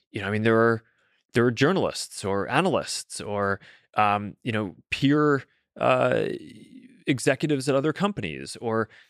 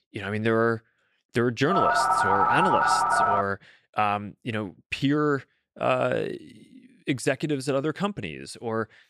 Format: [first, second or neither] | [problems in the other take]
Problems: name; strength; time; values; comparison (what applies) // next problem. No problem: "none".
first | phone ringing; loud; from 1.5 to 3.5 s; peak 6 dB above the speech